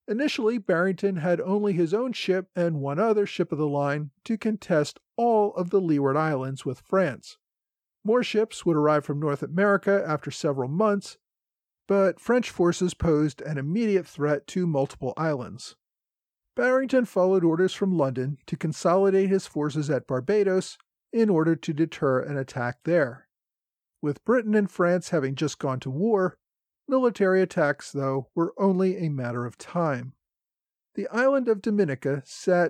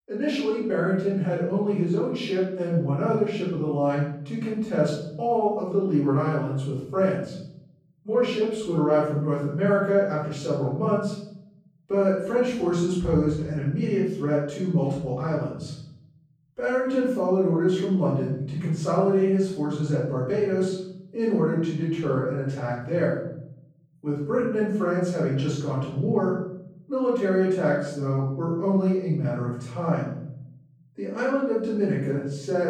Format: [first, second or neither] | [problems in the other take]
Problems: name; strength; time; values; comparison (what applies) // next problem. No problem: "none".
first | off-mic speech; far // room echo; noticeable; dies away in 1 s